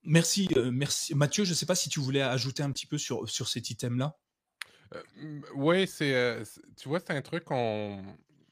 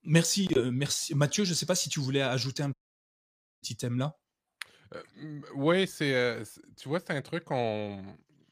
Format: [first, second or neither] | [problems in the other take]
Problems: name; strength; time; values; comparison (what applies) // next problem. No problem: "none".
first | audio cutting out; at 2.5 s for 1 s